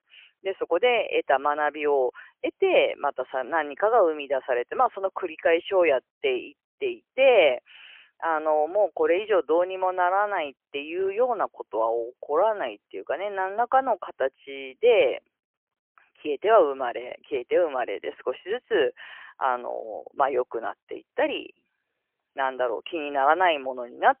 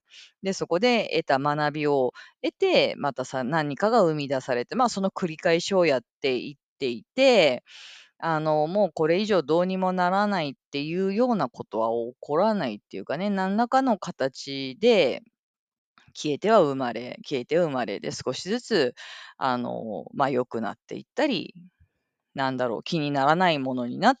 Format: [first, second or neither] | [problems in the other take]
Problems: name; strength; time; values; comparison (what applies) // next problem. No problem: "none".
second | phone-call audio; poor line; nothing above 3 kHz